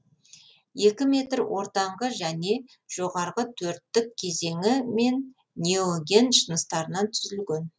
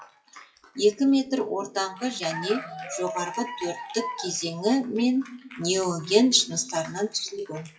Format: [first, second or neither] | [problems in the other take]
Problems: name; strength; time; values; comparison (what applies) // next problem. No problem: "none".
first | noise reduction (classical method WPE with log-MMSE)